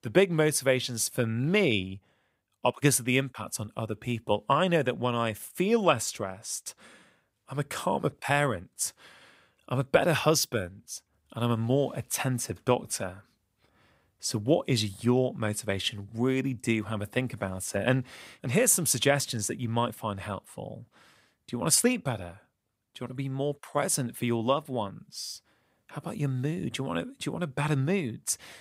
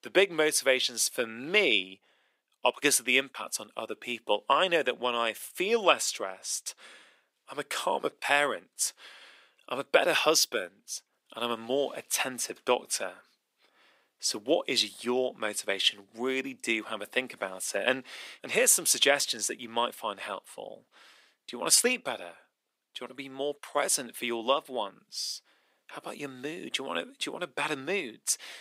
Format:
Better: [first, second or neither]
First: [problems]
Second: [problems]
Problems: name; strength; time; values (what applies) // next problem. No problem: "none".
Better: first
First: none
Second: thin; somewhat; fading below 350 Hz